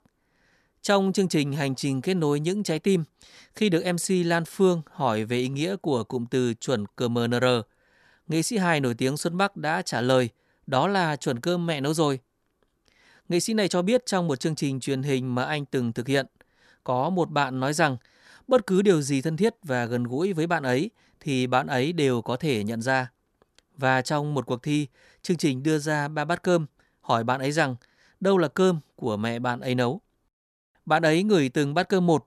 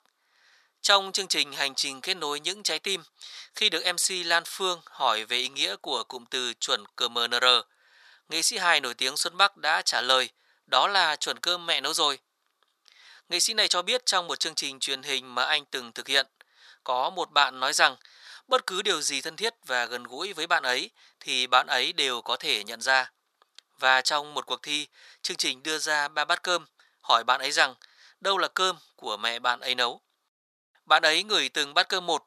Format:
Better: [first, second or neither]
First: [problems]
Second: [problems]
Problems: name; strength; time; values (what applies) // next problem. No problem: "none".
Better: first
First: none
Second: thin; very; fading below 900 Hz